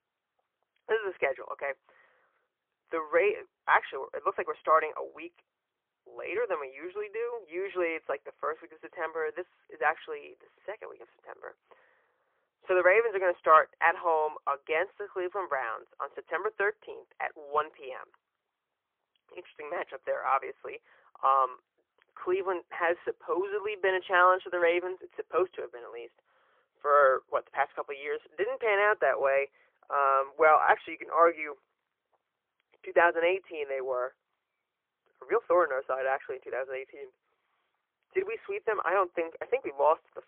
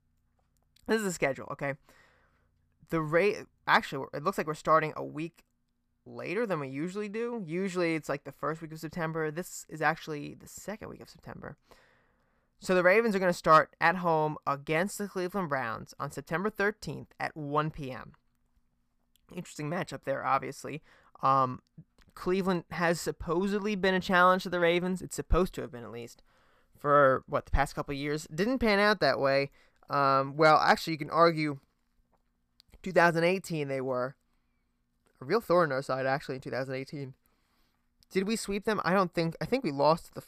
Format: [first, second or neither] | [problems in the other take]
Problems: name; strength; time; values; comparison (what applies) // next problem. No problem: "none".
second | phone-call audio; poor line